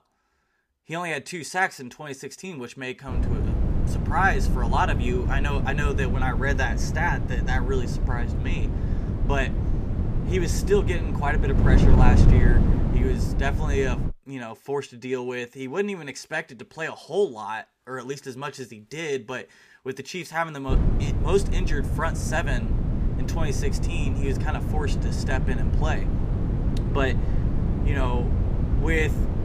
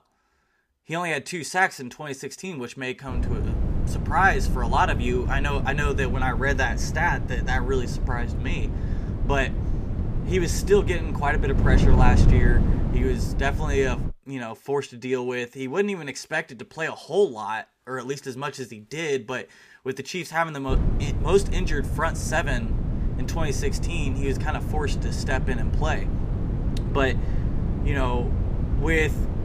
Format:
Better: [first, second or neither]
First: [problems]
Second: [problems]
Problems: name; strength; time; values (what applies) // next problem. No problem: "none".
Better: second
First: wind noise on the microphone; heavy; from 3 to 14 s and from 21 s on; 7 dB below the speech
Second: wind noise on the microphone; occasional gusts; from 3 to 14 s and from 21 s on; 10 dB below the speech